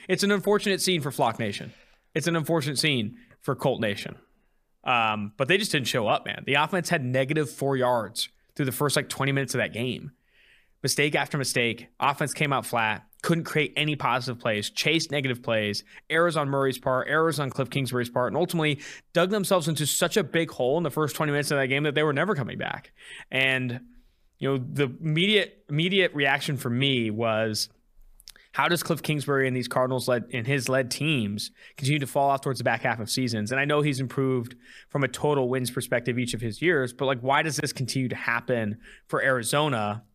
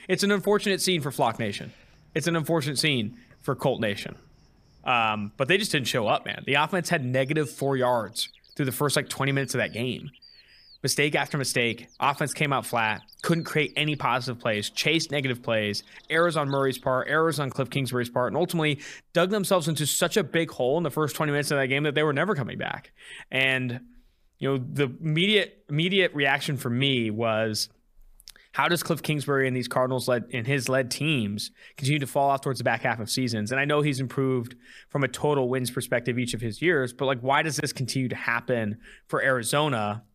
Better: first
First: none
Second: animal sounds; faint; until 17 s; 30 dB below the speech

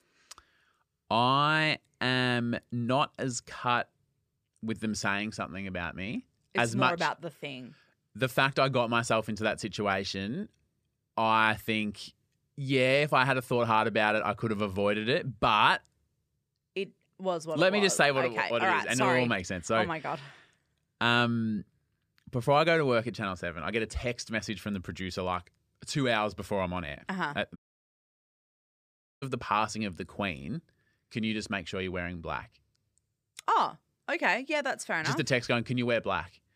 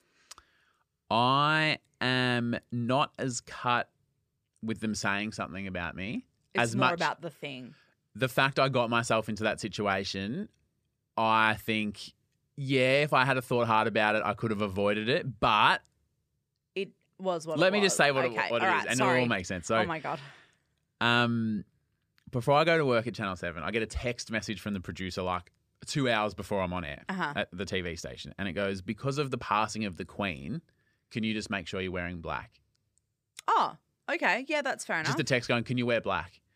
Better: second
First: audio cutting out; at 28 s for 1.5 s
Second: none

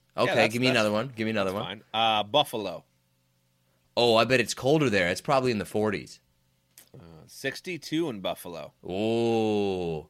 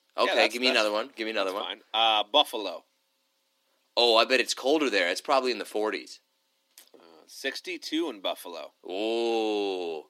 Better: first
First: none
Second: thin; somewhat; fading below 300 Hz

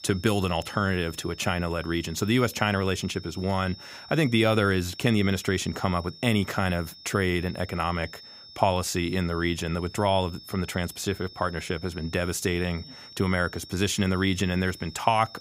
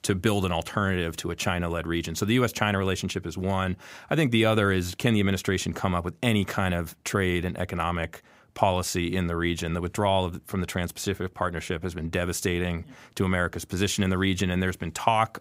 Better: second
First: high-pitched whine; noticeable; throughout; 5.5 kHz, 20 dB below the speech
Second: none

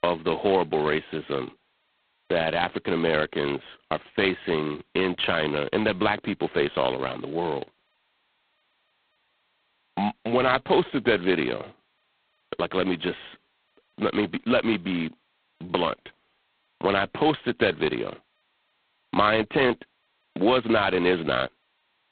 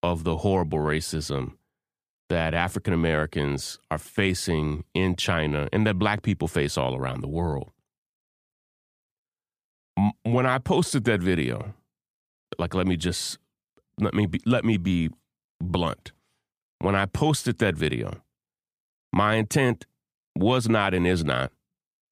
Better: second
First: phone-call audio; poor line; nothing above 4 kHz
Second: none

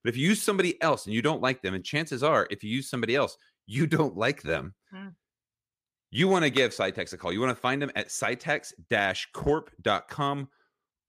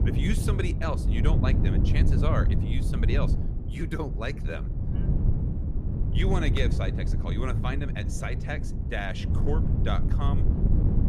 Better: first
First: none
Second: wind noise on the microphone; heavy; 4 dB below the speech

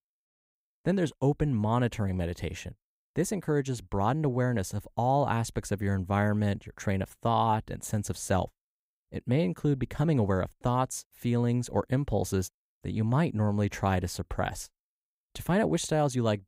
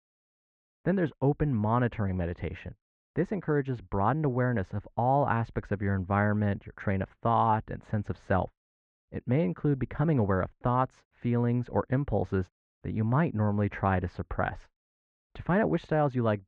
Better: first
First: none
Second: muffled; very; fading above 2.5 kHz

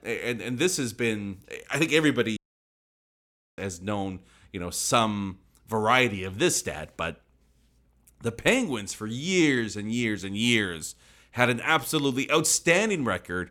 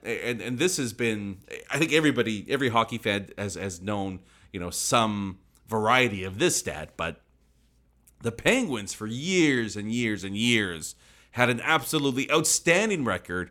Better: second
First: audio cutting out; at 2.5 s for 1 s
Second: none

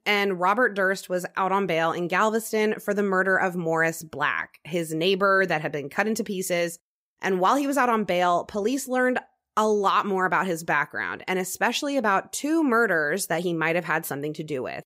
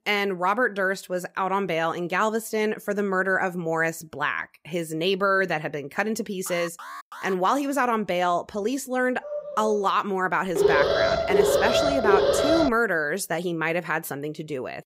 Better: first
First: none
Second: alarm; faint; at 6.5 s; peak 15 dB below the speech // dog barking; noticeable; at 9 s; peak 8 dB below the speech // alarm; loud; from 11 to 13 s; peak 5 dB above the speech

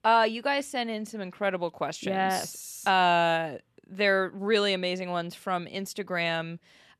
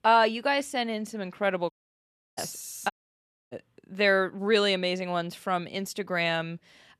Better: first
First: none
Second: audio cutting out; at 1.5 s for 0.5 s and at 3 s for 0.5 s

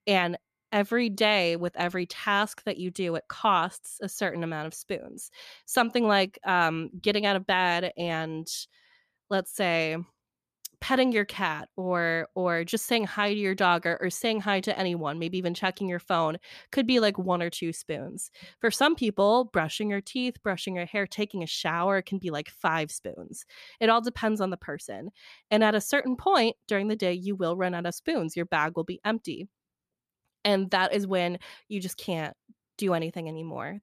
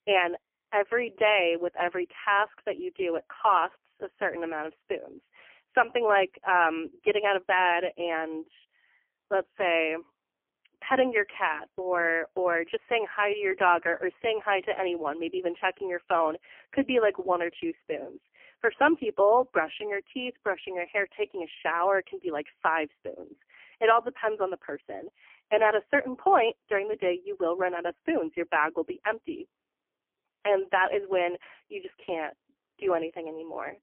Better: first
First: none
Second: phone-call audio; poor line; nothing above 3 kHz

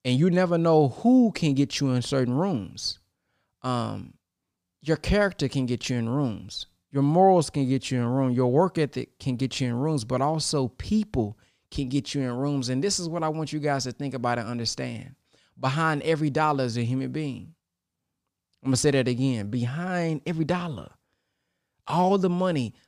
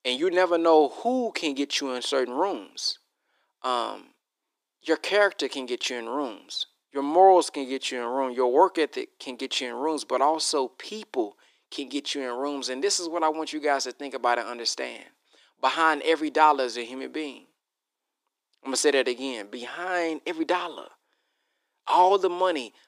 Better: first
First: none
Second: thin; very; fading below 300 Hz

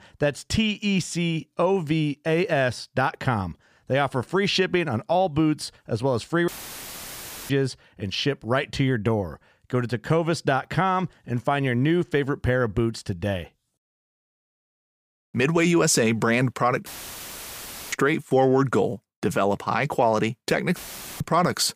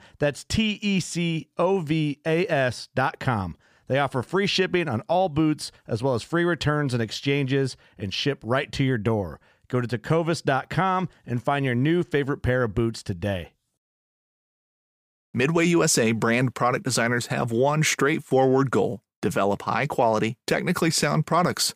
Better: second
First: audio cutting out; filled with static; at 6.5 s for 1 s, at 17 s for 1 s and at 21 s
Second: none

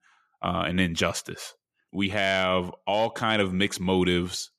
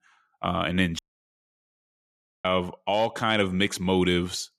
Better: first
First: none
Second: audio cutting out; at 1 s for 1.5 s

